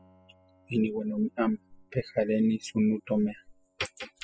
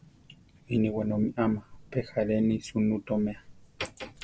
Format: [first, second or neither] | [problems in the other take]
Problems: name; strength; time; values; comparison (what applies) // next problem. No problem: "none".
second | noise reduction (classical method spectral subtraction)